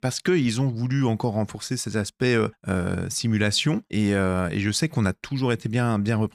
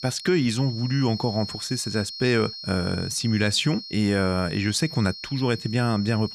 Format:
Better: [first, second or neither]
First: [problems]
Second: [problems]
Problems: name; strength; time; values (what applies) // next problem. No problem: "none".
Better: first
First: none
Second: high-pitched whine; noticeable; throughout; 4.5 kHz, 10 dB below the speech